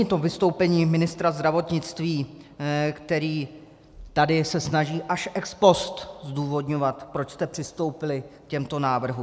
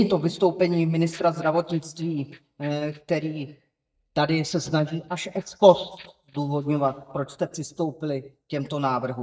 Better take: first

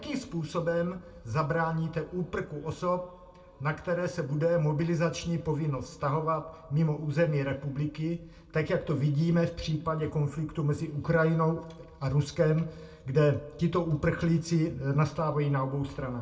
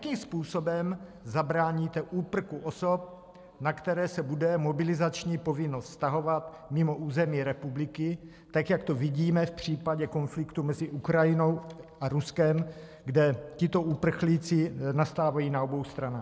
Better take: second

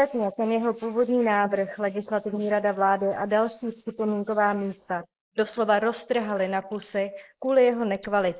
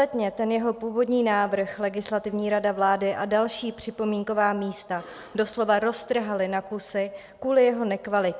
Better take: second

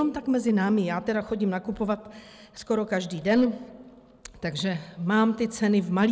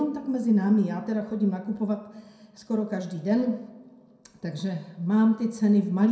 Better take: first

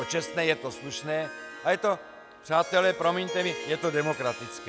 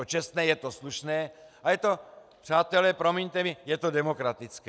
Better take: second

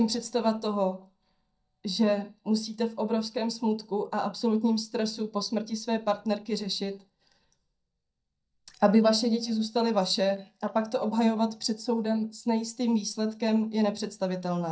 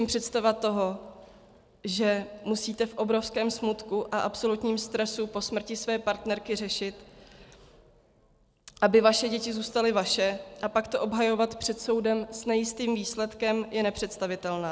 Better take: second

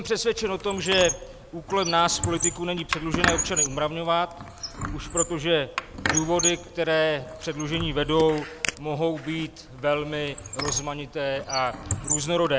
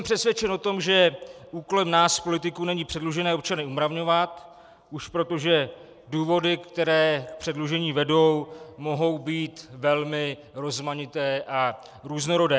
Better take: second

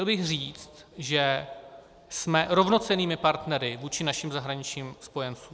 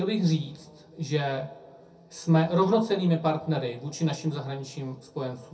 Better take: first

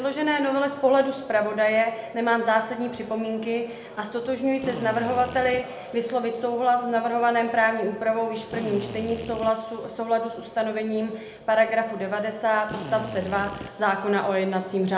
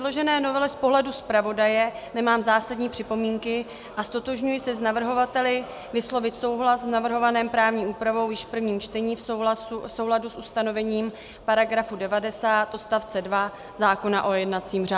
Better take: second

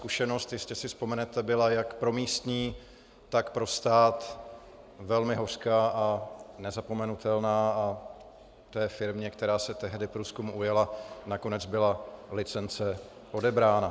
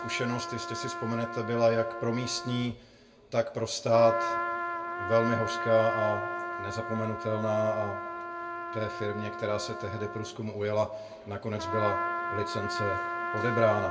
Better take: first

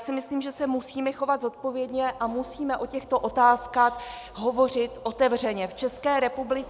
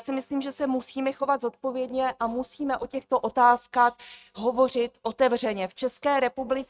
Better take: first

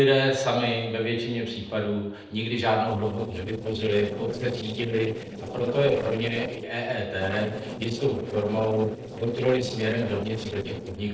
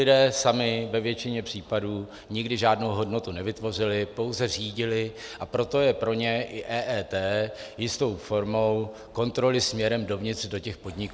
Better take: second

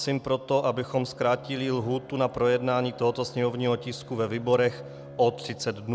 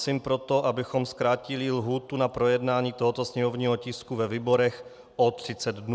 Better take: second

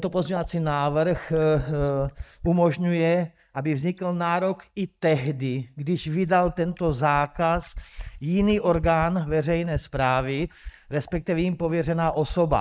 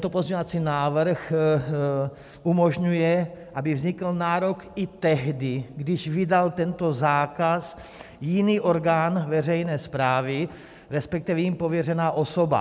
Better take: second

